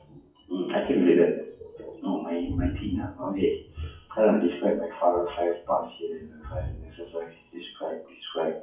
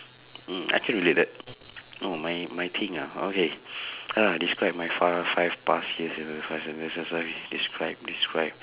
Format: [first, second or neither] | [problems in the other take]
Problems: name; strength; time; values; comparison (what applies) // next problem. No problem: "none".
second | noise reduction (classical method WPE with log-MMSE)